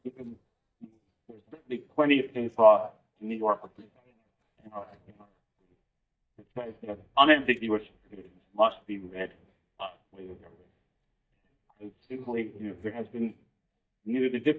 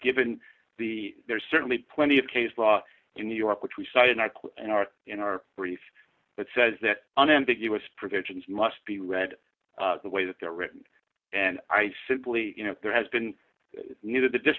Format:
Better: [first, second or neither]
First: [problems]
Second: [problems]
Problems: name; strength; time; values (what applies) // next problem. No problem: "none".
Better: second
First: noise reduction (neural mask model DeepFilterNet 3)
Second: none